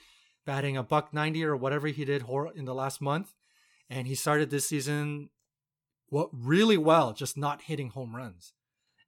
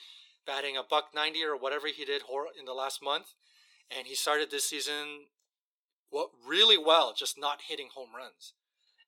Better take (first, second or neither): first